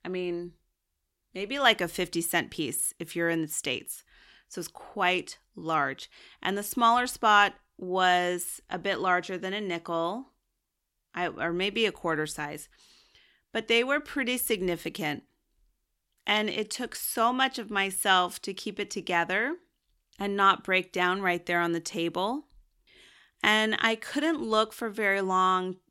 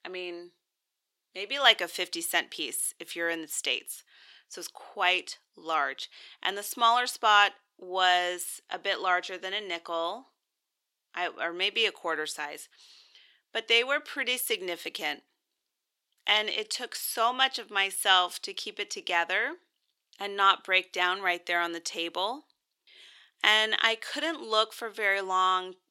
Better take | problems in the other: first | thin; somewhat; fading below 500 Hz

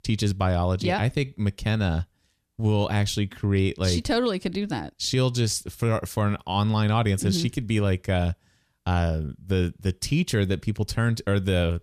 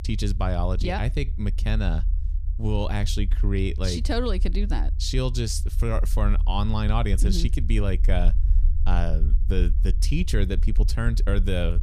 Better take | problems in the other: first | low rumble; noticeable; throughout; 15 dB below the speech

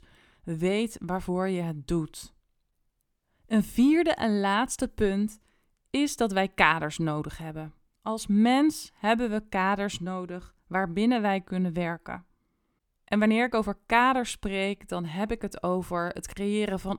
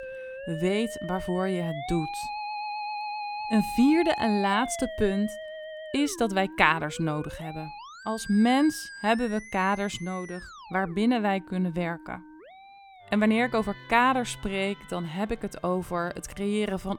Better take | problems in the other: first | background music; noticeable; throughout; 10 dB below the speech

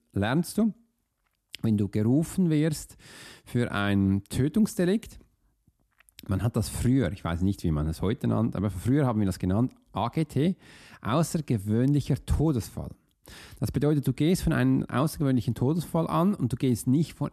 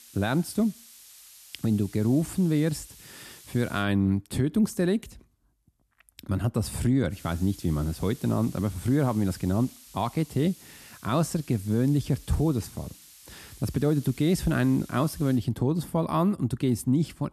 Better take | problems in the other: first | hiss; faint; until 4 s and from 7 to 15 s; 20 dB below the speech

